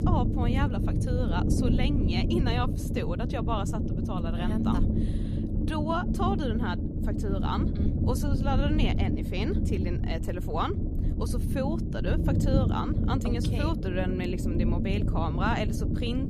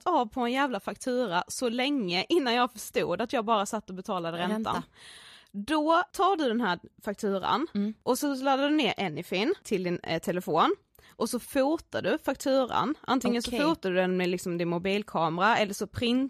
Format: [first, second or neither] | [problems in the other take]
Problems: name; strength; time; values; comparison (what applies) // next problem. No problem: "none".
second | low rumble; loud; throughout; 4 dB below the speech